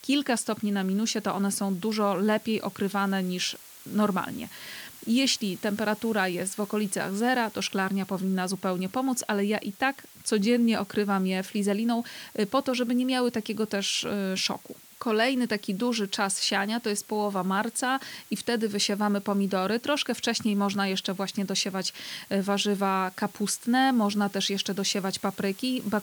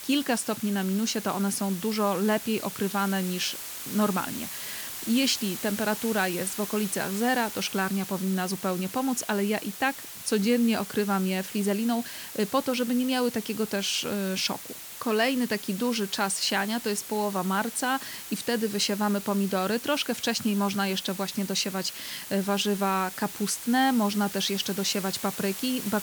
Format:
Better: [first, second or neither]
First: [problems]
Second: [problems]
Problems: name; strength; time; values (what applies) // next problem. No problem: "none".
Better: first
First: hiss; faint; throughout; 20 dB below the speech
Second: hiss; loud; throughout; 9 dB below the speech